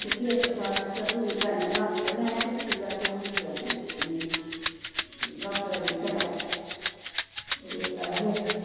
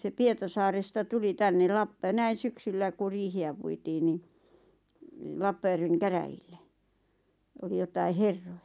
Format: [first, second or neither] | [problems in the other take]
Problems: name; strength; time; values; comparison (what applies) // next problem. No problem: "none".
second | background sound (Rattle (instrument)); 3 dB below the speech // room echo; dies away in 1.9 s